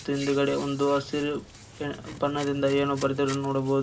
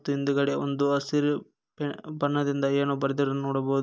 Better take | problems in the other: second | background sound (Hands); 16 dB below the speech // room echo; dies away in 0.2 s

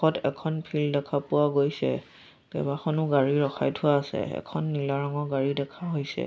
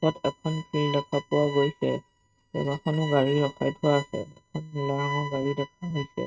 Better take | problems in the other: first | noise reduction (neural mask model RNNoise)

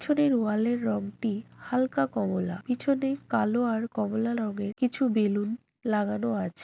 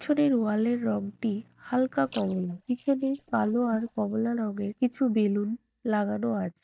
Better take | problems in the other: first | noise reduction (neural mask model DeepFilterNet 3)

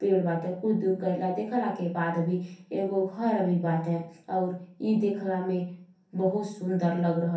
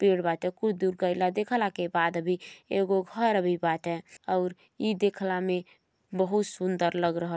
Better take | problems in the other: second | room echo; dies away in 0.6 s

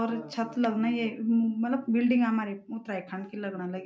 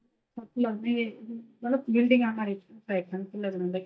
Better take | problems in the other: first | noise reduction (neural mask model DeepFilterNet 3)

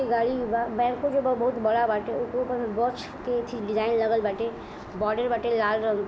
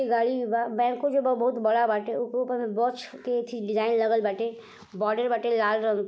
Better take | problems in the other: second | background sound (Aircraft); 14 dB below the speech

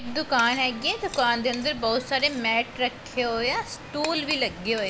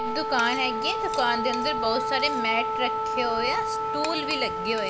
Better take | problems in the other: first | background sound (Wind instrument, woodwind instrument); as loud as the speech

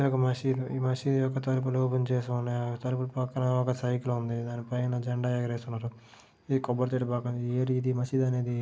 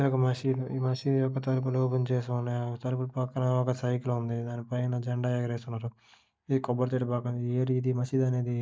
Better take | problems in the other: first | noise reduction (neural mask model DeepFilterNet 3)

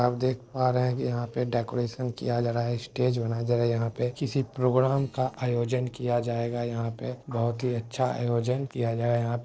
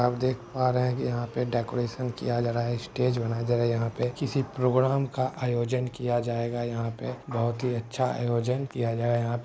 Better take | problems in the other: second | noise reduction (neural separator model SepFormer DNS4)

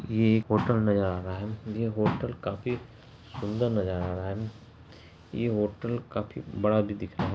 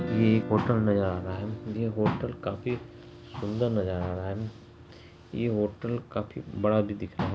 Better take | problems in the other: first | background sound (Guitar); 13 dB below the speech

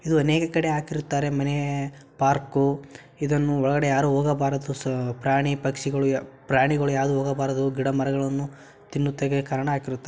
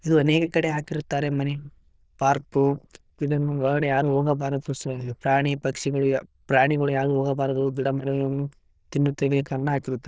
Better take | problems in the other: first | noise reduction (neural diffusion model UNIVERSE++)

